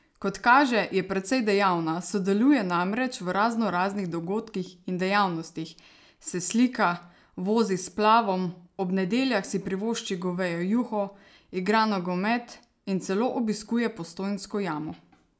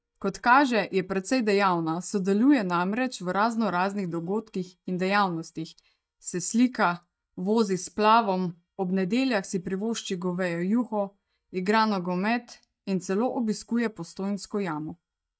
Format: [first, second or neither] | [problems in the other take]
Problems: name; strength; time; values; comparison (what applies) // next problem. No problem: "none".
first | noise reduction (neural mask model DeepFilterNet 3)